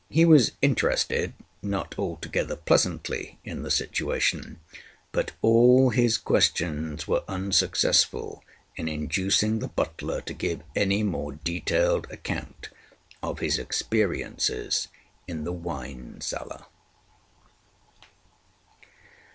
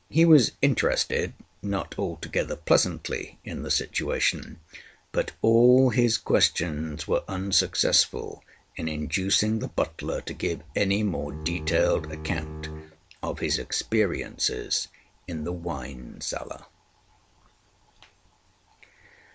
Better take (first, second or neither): first